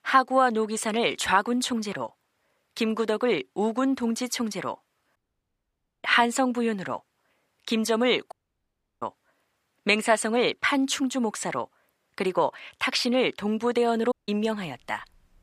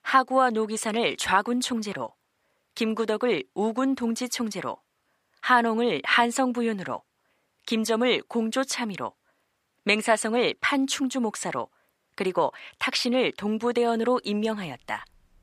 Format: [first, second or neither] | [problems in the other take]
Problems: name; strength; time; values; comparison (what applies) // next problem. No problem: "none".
second | audio cutting out; at 5 s for 1 s, at 8.5 s for 0.5 s and at 14 s